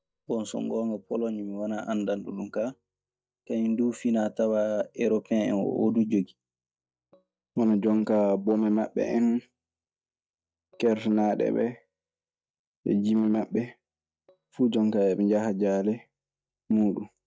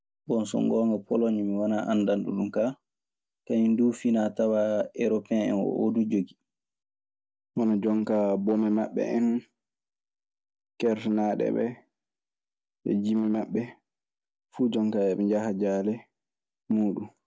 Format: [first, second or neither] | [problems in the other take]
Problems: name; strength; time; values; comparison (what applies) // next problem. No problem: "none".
second | noise reduction (neural mask model DeepFilterNet 3)